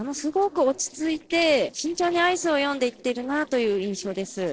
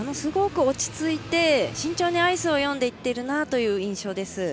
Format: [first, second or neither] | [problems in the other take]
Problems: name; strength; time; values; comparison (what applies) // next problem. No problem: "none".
second | noise reduction (neural separator model SepFormer DNS4)